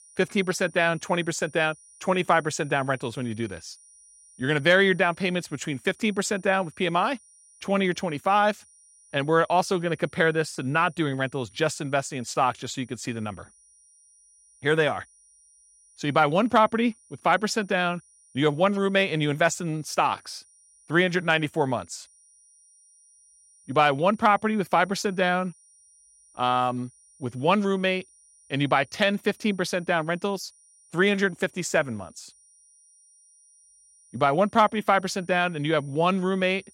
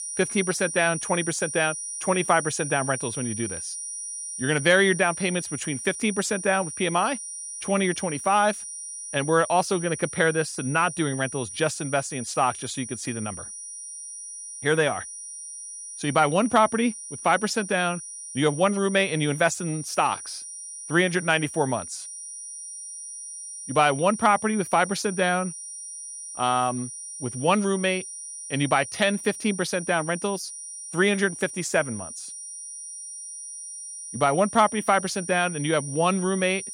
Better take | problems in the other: first | high-pitched whine; loud; throughout; 9.5 kHz, 9 dB below the speech; faint in the first

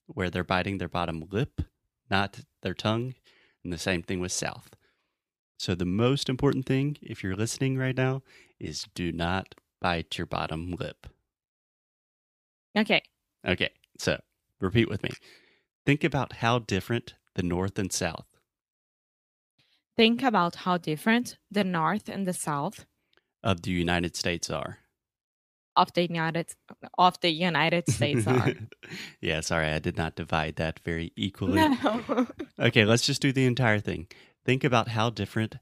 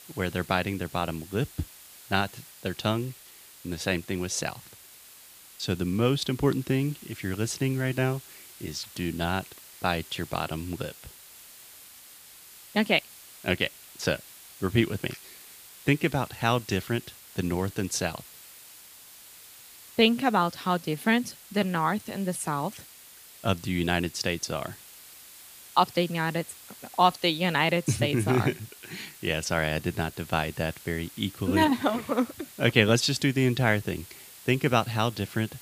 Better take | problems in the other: first | hiss; noticeable; throughout; 20 dB below the speech

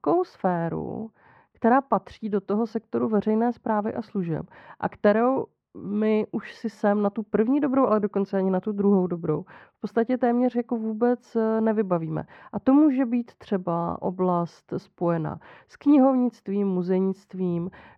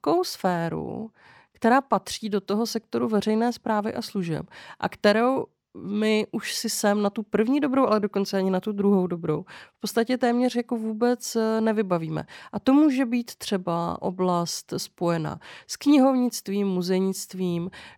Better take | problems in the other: second | muffled; very; fading above 4 kHz

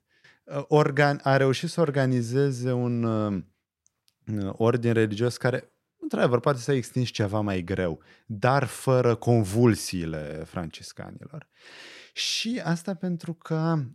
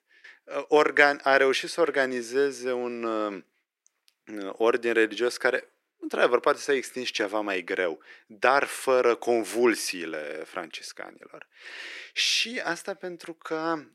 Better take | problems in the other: first | thin; very; fading below 350 Hz

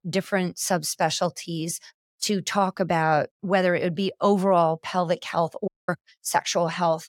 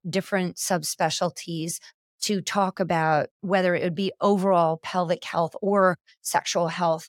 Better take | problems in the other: second | audio cutting out; at 5.5 s

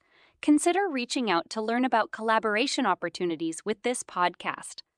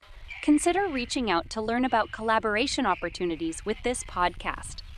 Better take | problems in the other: first | wind noise on the microphone; occasional gusts; 20 dB below the speech

